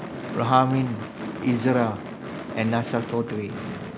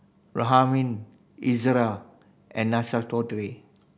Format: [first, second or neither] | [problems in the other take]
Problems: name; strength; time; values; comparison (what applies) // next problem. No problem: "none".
second | background sound (Gunshot, gunfire / Fireworks); 9 dB below the speech